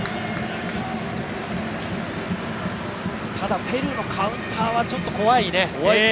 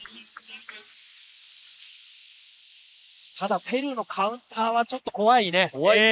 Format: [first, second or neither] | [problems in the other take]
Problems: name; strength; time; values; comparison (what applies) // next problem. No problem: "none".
first | noise reduction (neural mask model Resemble Enhance denoiser)